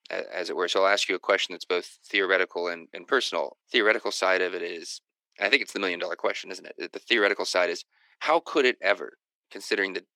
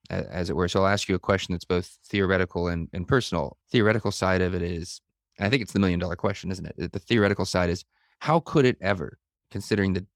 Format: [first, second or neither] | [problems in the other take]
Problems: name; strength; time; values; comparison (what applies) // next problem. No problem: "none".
second | thin; very; fading below 300 Hz